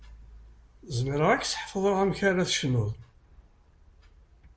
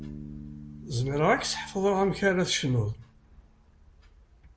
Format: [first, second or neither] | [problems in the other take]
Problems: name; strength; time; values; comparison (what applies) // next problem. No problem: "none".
first | background sound (Bass guitar); 18 dB below the speech